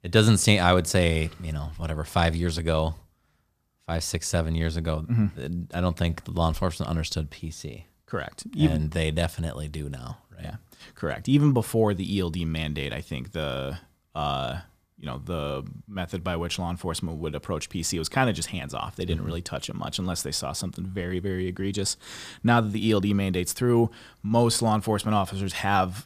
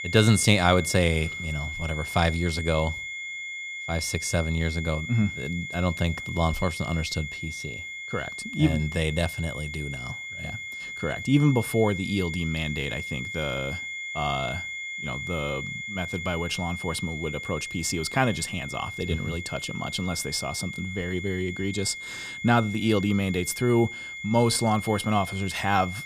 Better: first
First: none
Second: high-pitched whine; loud; throughout; 2 kHz, 7 dB below the speech

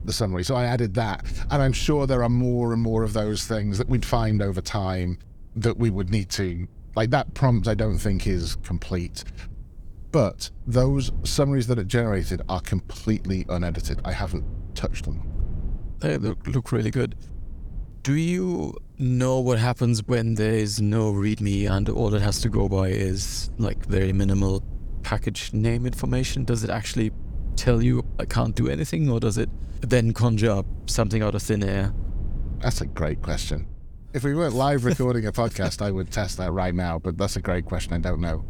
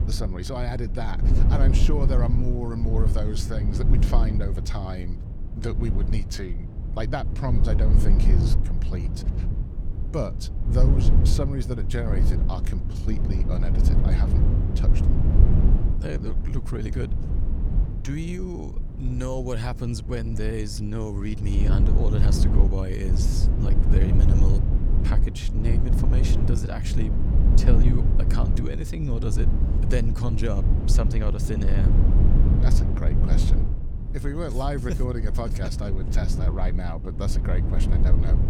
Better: first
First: low rumble; faint; throughout; 25 dB below the speech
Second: low rumble; loud; throughout; 3 dB below the speech

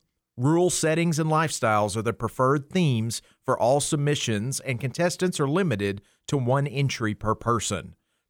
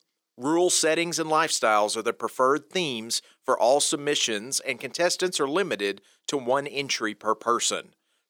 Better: first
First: none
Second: thin; somewhat; fading below 300 Hz

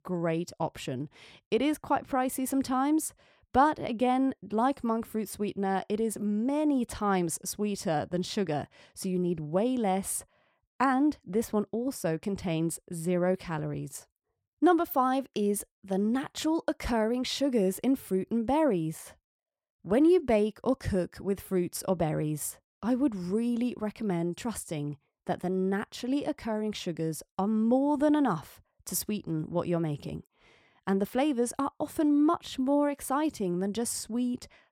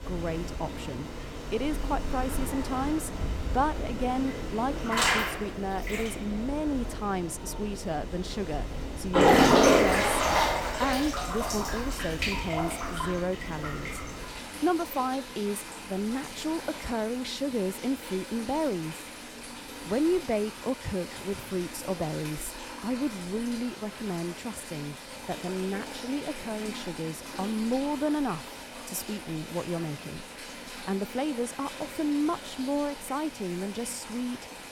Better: first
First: none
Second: rain or running water; very loud; throughout; as loud as the speech

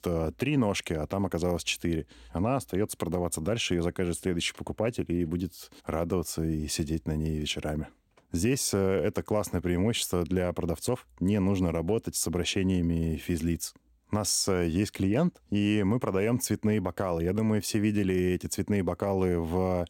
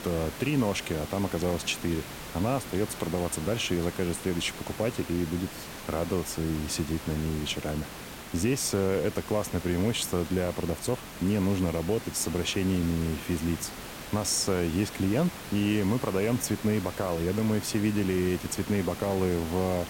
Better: first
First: none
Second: hiss; noticeable; throughout; 10 dB below the speech

